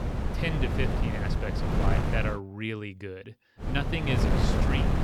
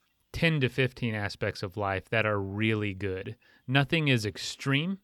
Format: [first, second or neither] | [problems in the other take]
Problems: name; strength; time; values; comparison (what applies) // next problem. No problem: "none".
second | wind noise on the microphone; heavy; until 2.5 s and from 3.5 s on; as loud as the speech